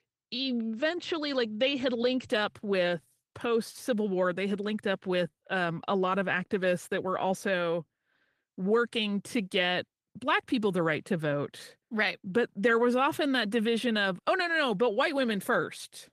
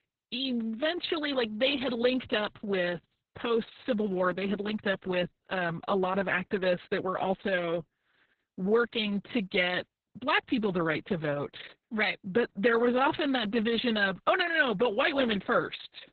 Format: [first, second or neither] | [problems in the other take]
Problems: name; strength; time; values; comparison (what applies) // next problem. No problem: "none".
first | garbled, watery; badly; nothing above 4 kHz; slightly in the first